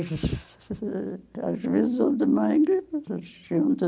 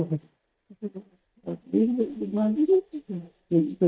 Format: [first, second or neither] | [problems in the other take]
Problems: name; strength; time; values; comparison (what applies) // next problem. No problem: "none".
first | noise reduction (neural mask model DeepFilterNet 3)